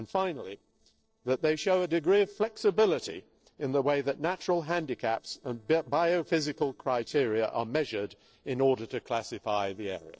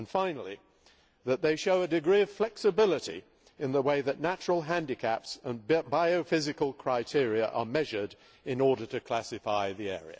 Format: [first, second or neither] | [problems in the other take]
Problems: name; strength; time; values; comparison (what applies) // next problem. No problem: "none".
second | noise reduction (neural separator model SepFormer DNS4)